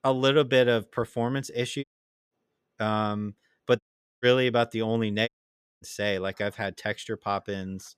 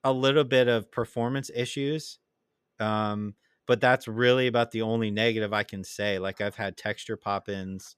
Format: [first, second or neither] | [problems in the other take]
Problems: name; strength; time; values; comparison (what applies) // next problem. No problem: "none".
second | audio cutting out; at 2 s, at 4 s and at 5.5 s for 0.5 s